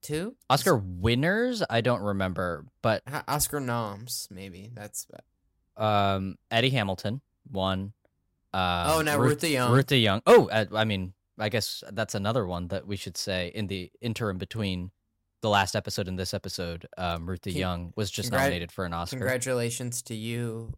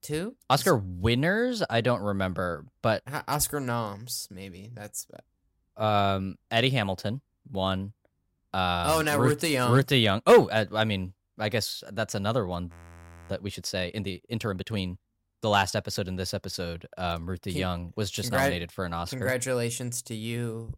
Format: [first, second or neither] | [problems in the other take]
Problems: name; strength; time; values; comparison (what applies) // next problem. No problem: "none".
first | audio freezing; at 13 s for 0.5 s